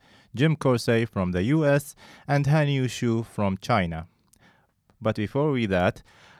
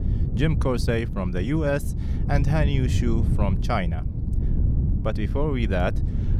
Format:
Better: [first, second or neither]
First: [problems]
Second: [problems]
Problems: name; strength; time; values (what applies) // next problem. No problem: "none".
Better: first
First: none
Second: wind noise on the microphone; occasional gusts; 10 dB below the speech